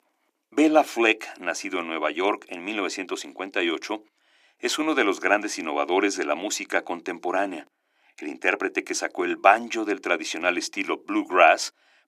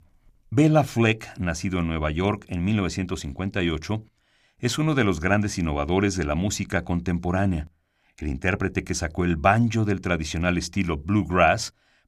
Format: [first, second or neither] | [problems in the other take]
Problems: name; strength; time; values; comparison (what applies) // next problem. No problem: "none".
second | thin; somewhat; fading below 300 Hz